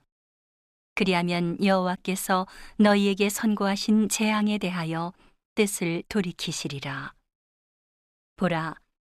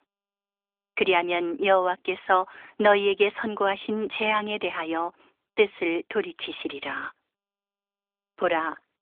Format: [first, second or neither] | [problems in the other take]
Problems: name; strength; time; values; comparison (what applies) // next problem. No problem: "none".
first | phone-call audio; nothing above 3.5 kHz